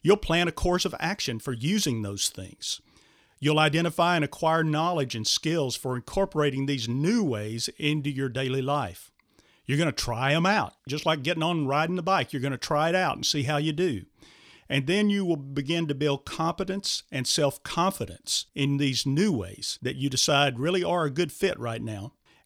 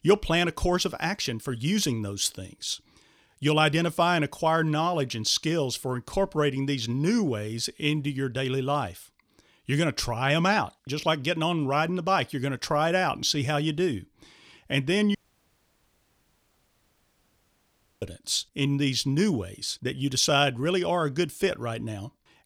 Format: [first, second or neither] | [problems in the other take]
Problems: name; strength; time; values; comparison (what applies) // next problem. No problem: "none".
first | audio cutting out; at 15 s for 3 s